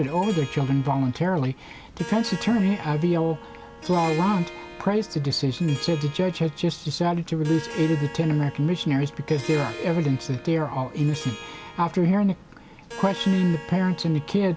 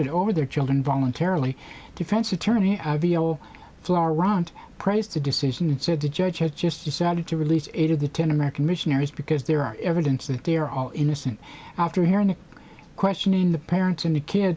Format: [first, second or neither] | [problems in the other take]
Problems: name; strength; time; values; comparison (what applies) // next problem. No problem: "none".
second | background sound (Harp); 16 dB below the speech